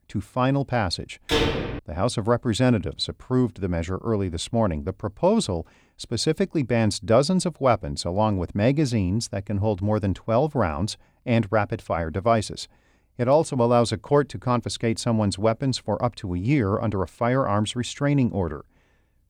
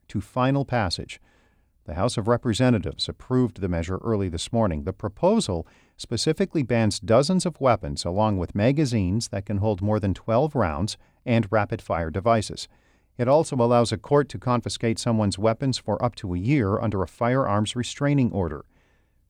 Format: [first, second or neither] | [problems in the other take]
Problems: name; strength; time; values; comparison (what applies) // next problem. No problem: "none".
second | door banging; loud; at 1.5 s; peak 1 dB above the speech